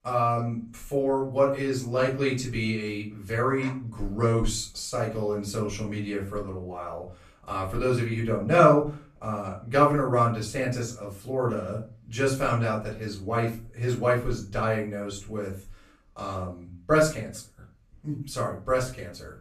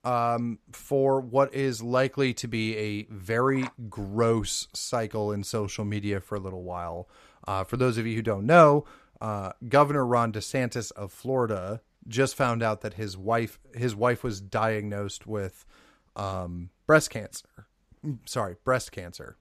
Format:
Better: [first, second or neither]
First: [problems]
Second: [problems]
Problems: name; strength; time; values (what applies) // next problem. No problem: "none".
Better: second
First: off-mic speech; far // room echo; slight; dies away in 0.3 s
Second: none